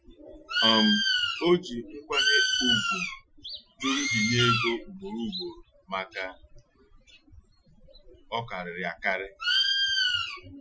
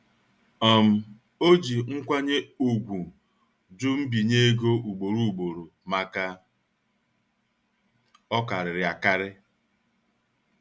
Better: second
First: noise reduction (classical method Wiener filter)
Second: none

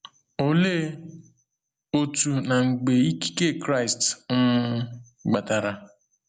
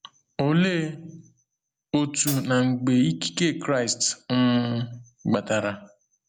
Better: first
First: none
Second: background sound (Hi-hat); 9 dB below the speech

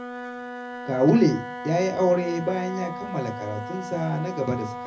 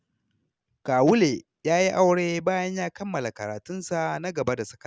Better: second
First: background sound (Wind instrument, woodwind instrument); 10 dB below the speech // room echo; dies away in 0.4 s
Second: none

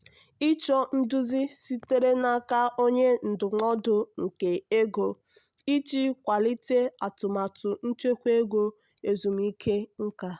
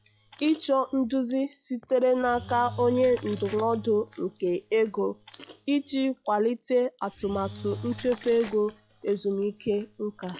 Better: first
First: none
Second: noise reduction (classical method log-MMSE)

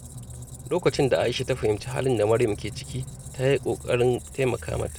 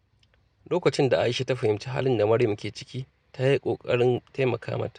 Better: second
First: background sound (Squeak); 14 dB below the speech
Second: none

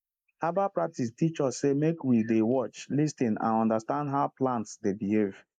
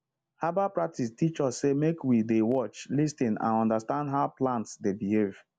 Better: second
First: noise reduction (neural mask model Resemble Enhance denoiser)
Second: none

